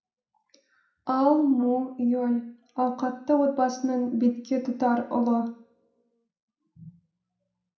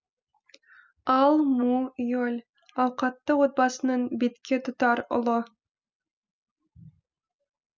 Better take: second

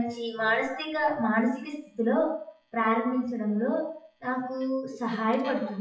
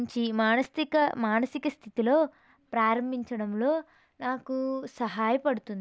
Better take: second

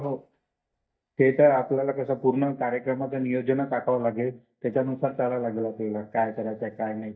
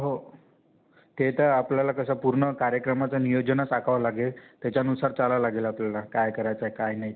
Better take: second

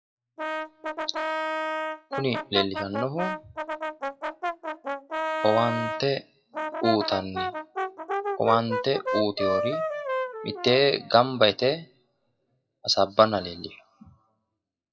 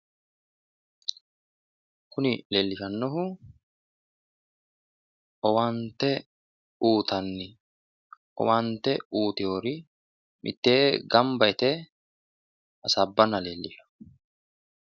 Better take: second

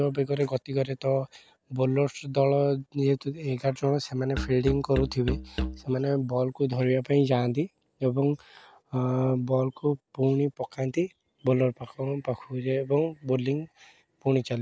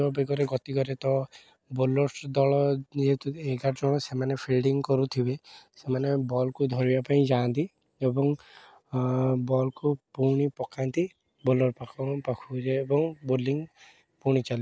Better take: second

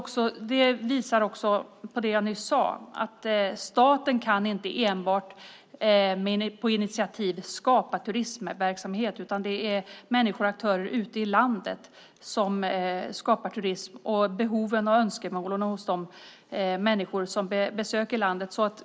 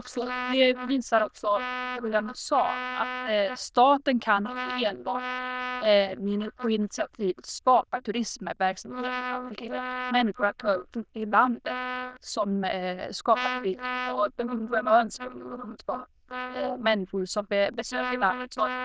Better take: first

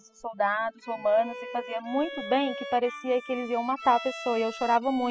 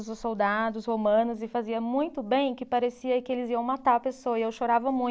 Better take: second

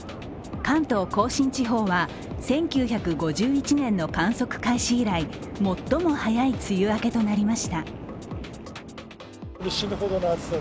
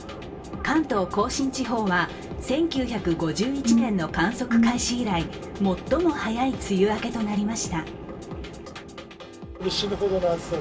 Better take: first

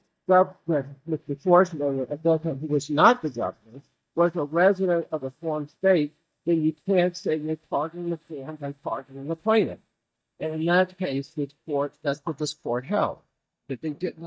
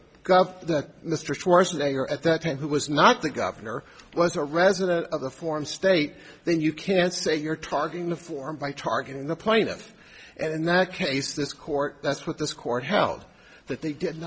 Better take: second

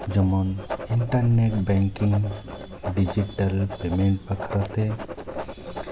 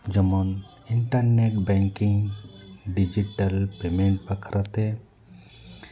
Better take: second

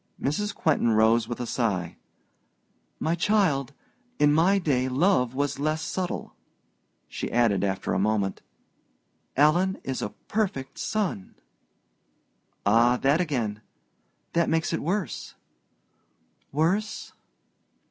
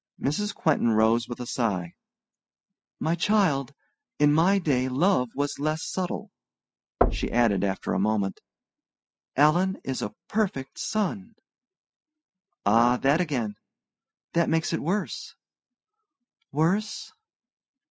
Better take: first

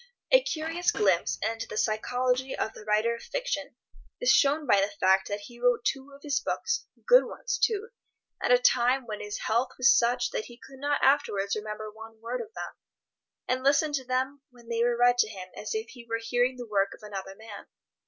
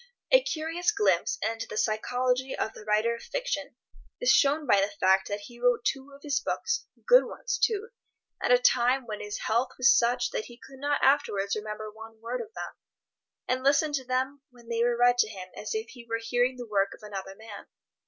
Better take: second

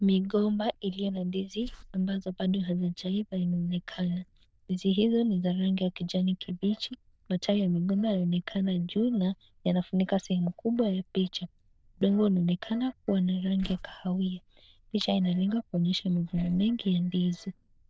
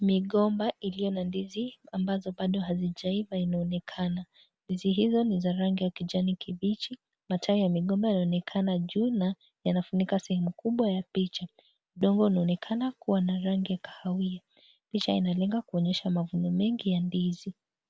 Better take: second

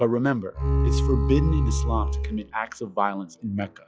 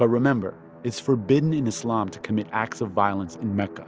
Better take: second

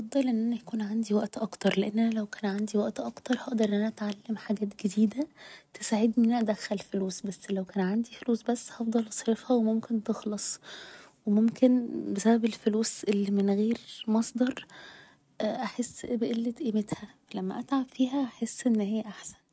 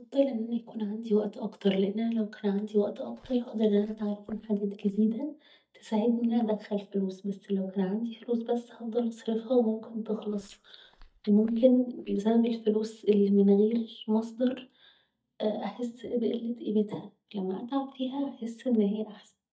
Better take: first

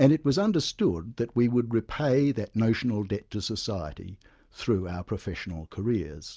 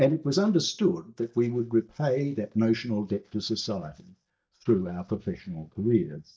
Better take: first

